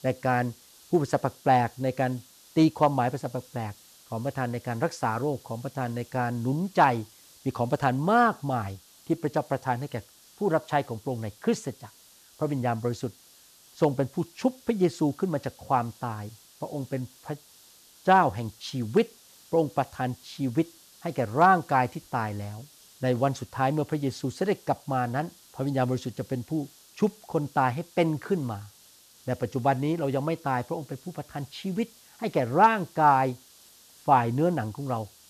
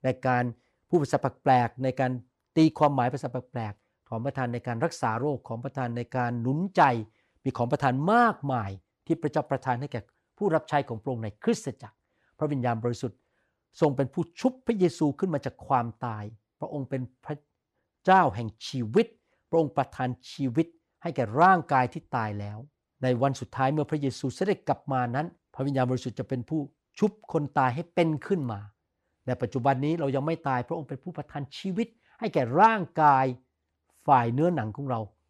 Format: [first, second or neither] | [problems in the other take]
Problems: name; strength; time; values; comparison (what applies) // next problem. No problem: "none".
second | hiss; faint; throughout; 25 dB below the speech